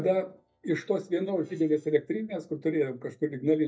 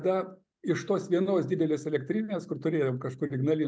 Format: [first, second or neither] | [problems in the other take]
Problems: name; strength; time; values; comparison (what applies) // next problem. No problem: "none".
second | noise reduction (neural mask model DeepFilterNet 3)